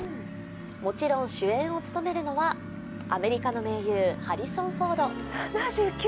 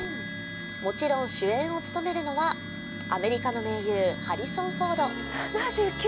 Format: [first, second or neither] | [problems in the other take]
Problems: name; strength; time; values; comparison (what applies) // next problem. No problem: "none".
first | background sound (Harmonica); 12 dB below the speech